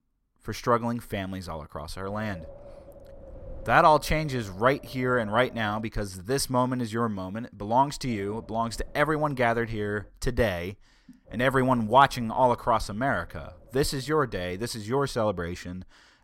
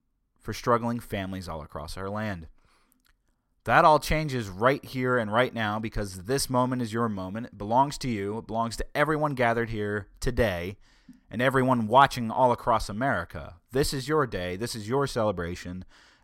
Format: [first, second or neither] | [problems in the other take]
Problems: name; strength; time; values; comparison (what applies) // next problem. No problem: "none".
second | wind noise on the microphone; occasional gusts; from 2 to 6 s, from 8 to 10 s and from 11 to 15 s; 25 dB below the speech